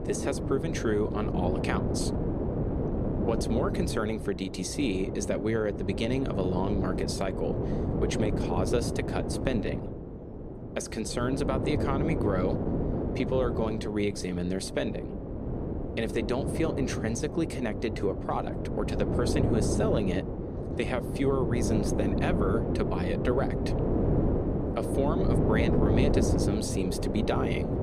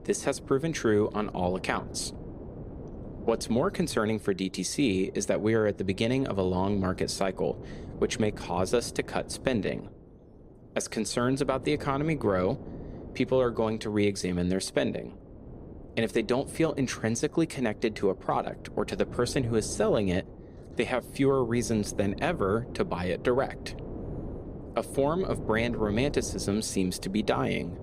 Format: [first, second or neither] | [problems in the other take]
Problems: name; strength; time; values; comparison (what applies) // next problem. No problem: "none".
second | wind noise on the microphone; heavy; 2 dB below the speech; occasional gusts in the second